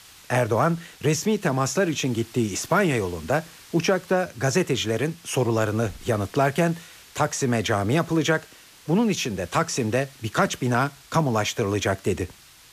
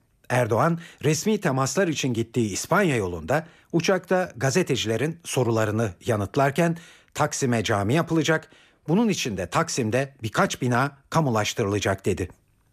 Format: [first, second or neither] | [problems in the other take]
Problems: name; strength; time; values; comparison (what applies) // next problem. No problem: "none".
second | hiss; faint; throughout; 20 dB below the speech